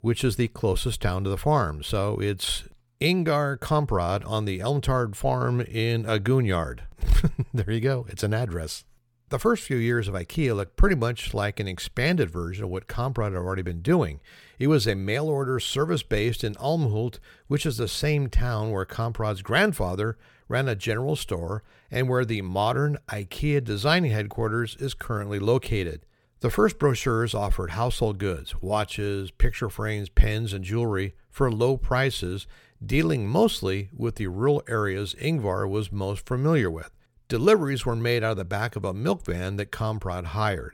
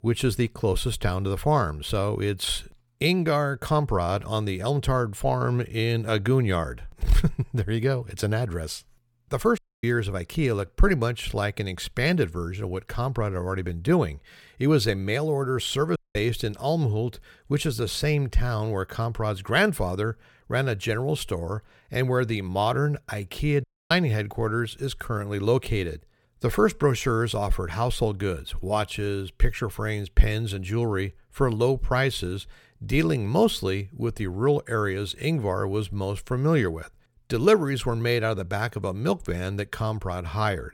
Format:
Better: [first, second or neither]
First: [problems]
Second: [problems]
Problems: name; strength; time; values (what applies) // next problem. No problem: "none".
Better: first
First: none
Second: audio cutting out; at 9.5 s, at 16 s and at 24 s